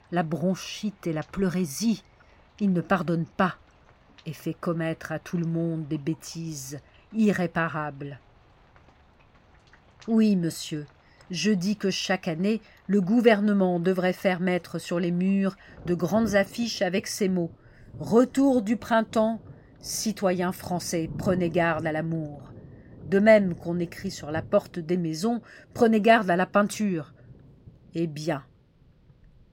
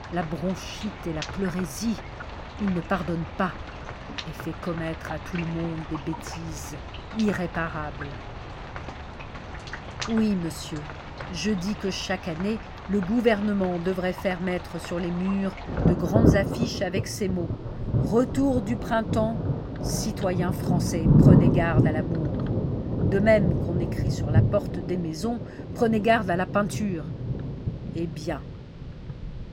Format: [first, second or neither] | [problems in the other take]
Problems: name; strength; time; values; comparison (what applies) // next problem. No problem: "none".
first | rain or running water; loud; throughout; 1 dB below the speech; faint in the first